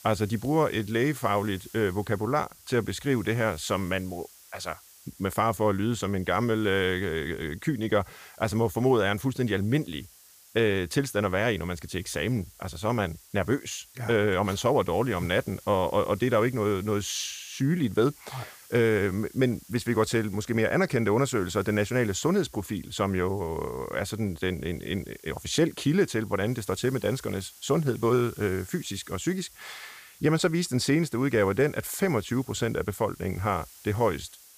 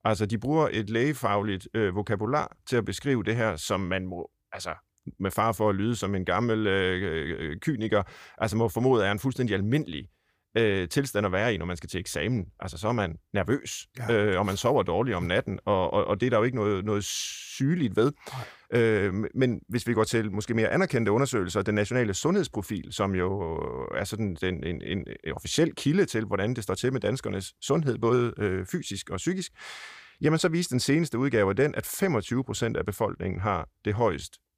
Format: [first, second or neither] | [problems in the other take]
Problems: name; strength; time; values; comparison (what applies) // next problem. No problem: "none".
second | hiss; faint; throughout; 20 dB below the speech